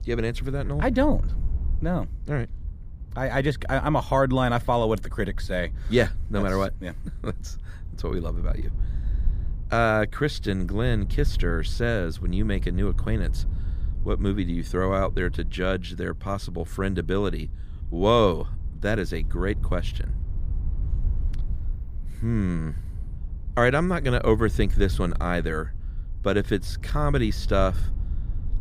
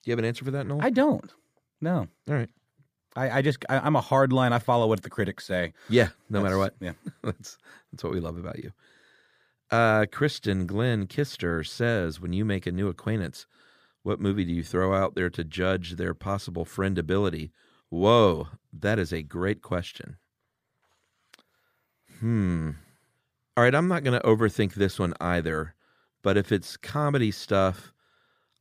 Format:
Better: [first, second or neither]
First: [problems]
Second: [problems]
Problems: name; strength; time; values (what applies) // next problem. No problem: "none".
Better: second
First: wind noise on the microphone; occasional gusts; 25 dB below the speech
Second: none